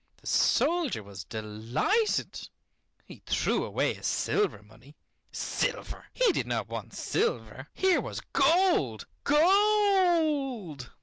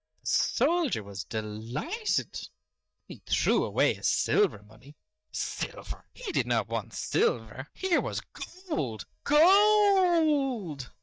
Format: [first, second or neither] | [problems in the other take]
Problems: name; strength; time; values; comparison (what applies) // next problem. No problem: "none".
first | noise reduction (neural mask model DeepFilterNet 3)